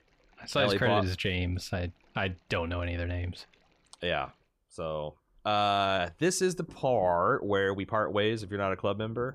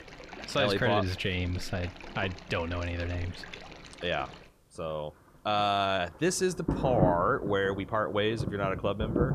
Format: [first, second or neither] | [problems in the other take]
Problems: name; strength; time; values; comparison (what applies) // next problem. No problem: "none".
first | rain or running water; loud; throughout; 8 dB below the speech; faint in the first